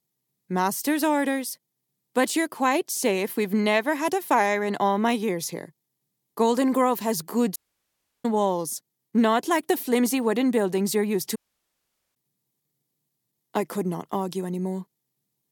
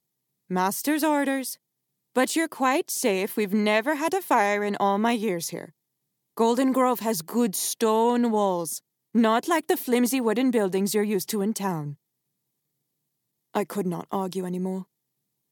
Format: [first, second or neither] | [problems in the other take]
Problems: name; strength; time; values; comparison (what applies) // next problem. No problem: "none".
second | audio cutting out; at 7.5 s for 0.5 s and at 11 s for 1 s